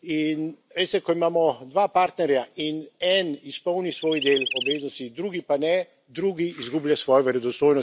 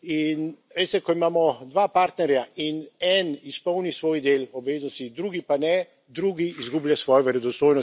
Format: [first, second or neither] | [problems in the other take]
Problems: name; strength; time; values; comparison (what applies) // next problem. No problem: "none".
second | background sound (Chirp, tweet); 7 dB below the speech